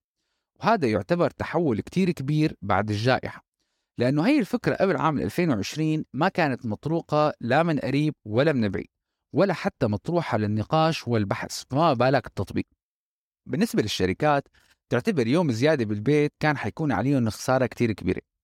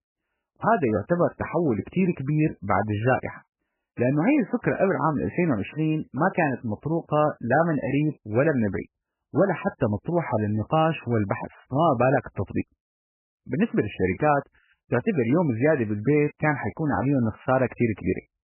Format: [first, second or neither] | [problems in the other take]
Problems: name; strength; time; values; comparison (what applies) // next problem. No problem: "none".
first | garbled, watery; badly; nothing above 3 kHz